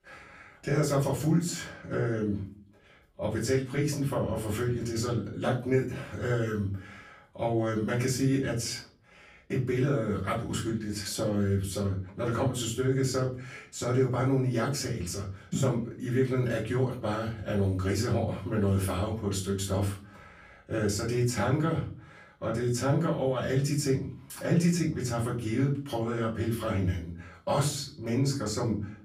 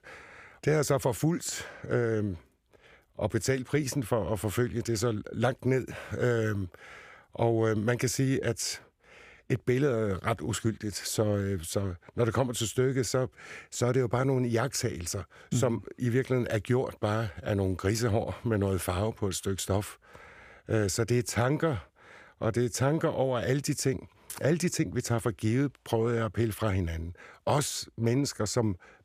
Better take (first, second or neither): second